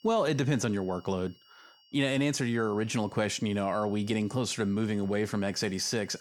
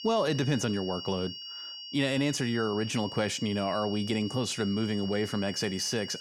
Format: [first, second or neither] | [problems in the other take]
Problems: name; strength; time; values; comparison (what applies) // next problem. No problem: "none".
first | high-pitched whine; loud; throughout; 3 kHz, 10 dB below the speech; faint in the first